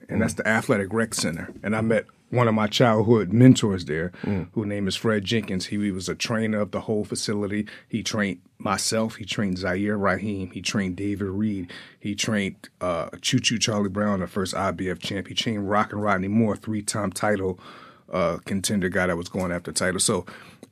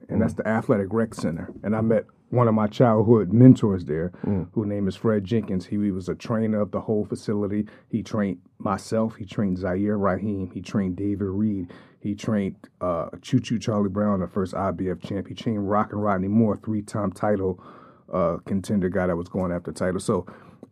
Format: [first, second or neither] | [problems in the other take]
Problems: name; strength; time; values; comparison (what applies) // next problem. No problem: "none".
first | muffled; slightly; fading above 1.5 kHz